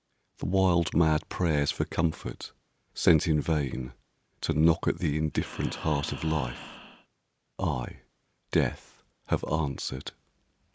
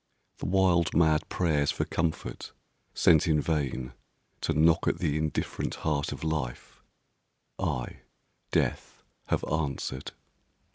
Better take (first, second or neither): second